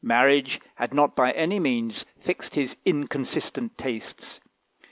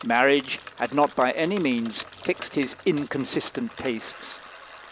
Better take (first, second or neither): first